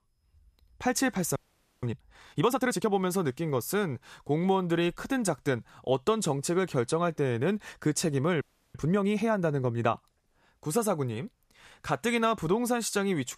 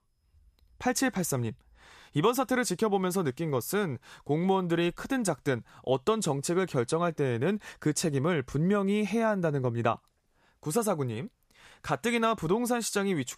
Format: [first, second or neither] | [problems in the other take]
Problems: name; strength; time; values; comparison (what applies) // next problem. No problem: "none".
second | audio freezing; at 1.5 s and at 8.5 s